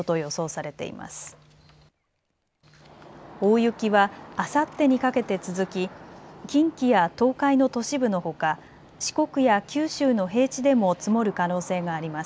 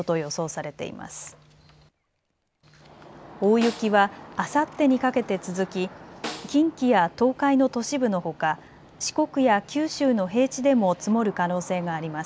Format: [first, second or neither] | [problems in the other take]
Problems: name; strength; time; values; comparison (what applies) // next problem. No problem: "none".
first | background sound (Snare drum); 16 dB below the speech